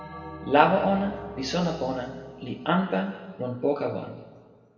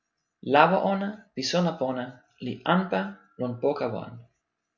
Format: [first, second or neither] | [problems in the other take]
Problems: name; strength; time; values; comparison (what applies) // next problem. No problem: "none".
second | background sound (Bell); 16 dB below the speech // room echo; dies away in 1.7 s